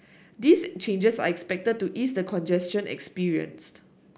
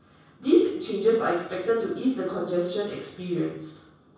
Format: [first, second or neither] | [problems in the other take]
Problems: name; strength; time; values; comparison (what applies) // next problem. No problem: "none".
first | room echo; dies away in 0.7 s